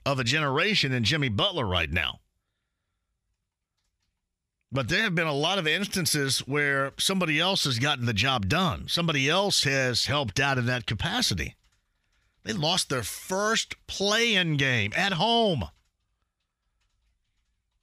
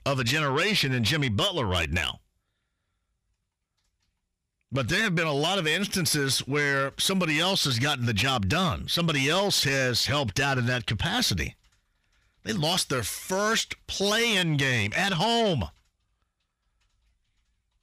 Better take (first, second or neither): first